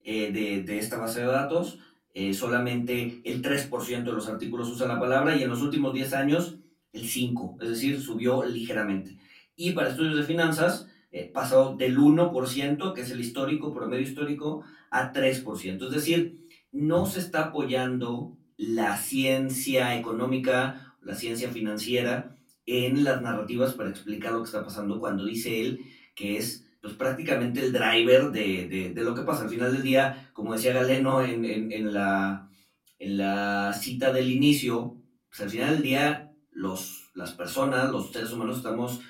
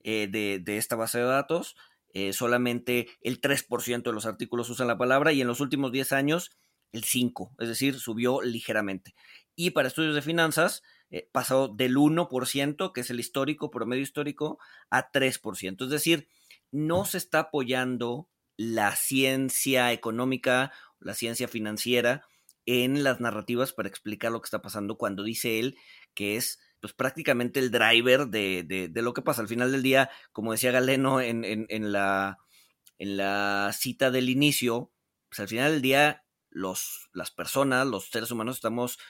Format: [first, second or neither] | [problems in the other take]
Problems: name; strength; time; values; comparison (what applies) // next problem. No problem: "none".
second | off-mic speech; far // room echo; slight; dies away in 0.3 s